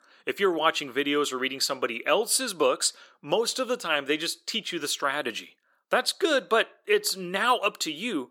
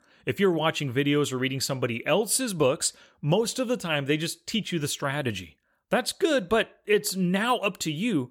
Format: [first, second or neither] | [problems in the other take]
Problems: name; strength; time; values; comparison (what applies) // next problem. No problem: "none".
second | thin; somewhat; fading below 300 Hz